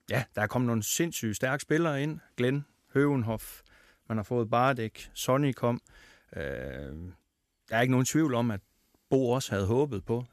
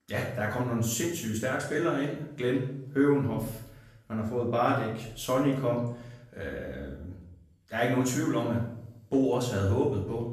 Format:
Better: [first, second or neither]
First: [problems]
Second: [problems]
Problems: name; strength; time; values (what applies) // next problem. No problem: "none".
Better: first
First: none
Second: room echo; noticeable; dies away in 0.7 s // off-mic speech; far